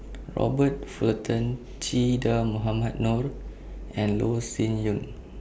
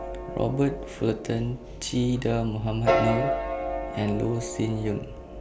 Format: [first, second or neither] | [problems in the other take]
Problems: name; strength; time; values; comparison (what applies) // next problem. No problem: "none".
first | background sound (Piano); 4 dB below the speech